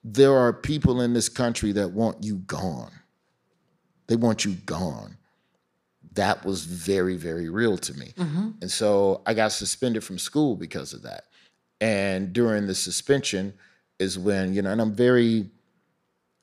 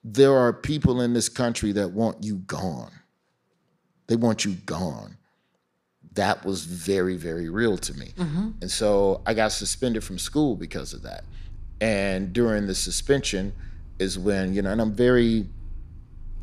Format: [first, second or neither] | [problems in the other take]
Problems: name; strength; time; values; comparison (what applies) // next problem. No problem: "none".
first | animal sounds; noticeable; from 7 s on; 20 dB below the speech